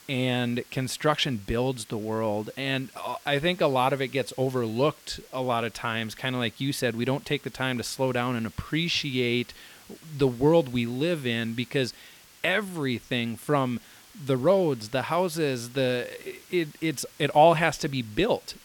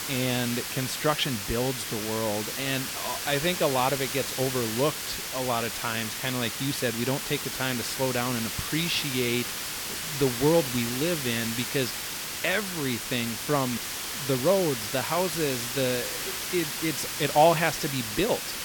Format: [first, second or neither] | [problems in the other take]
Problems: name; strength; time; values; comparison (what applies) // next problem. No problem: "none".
first | hiss; loud; throughout; 3 dB below the speech; faint in the first